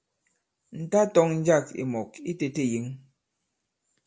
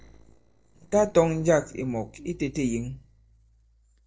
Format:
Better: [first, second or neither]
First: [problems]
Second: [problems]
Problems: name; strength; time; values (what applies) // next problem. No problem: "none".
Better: first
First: none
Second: noise reduction (neural separator model SepFormer DNS4)